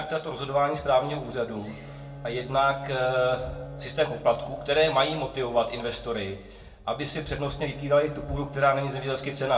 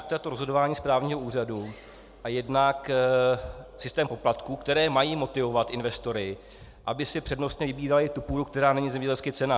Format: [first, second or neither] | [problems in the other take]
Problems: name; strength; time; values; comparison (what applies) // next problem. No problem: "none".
second | background sound (Bowed string instrument); 16 dB below the speech // room echo; dies away in 0.6 s